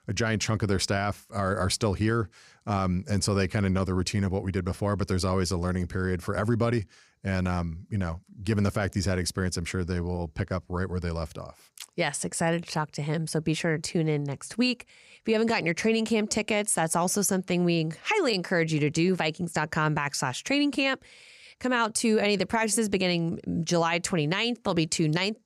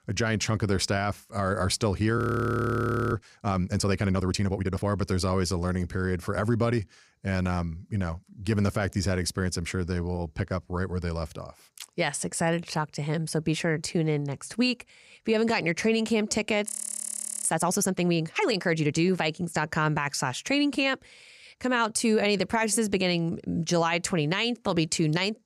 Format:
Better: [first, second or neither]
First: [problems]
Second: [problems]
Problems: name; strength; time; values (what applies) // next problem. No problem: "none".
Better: first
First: none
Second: audio freezing; at 2 s for 1 s and at 17 s for 1 s